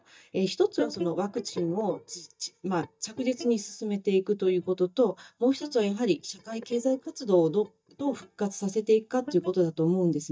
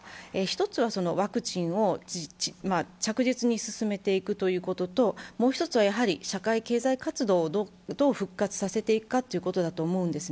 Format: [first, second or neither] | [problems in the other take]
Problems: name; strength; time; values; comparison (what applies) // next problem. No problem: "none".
second | noise reduction (neural mask model DeepFilterNet 3)